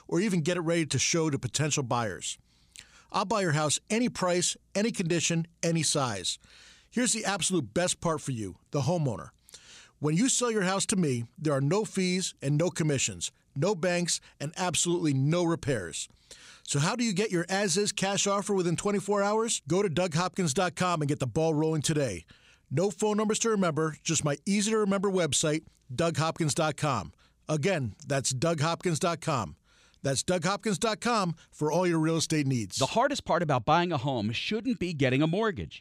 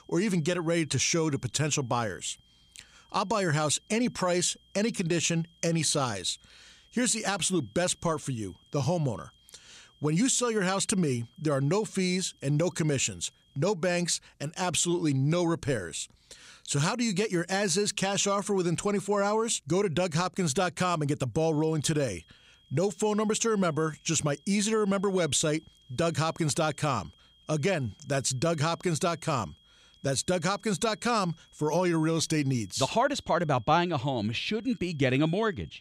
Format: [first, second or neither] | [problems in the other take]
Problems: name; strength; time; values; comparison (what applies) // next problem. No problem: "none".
first | high-pitched whine; faint; until 14 s and from 21 s on; 3 kHz, 30 dB below the speech